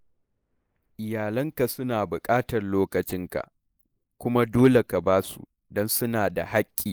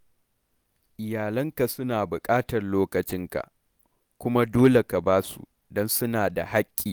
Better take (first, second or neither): second